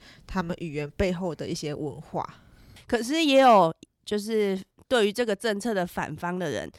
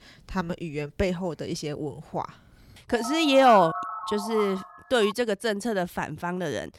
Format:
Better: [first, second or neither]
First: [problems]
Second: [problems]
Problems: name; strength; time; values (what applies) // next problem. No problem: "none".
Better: first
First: none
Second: phone ringing; noticeable; from 3 to 5 s; peak 5 dB below the speech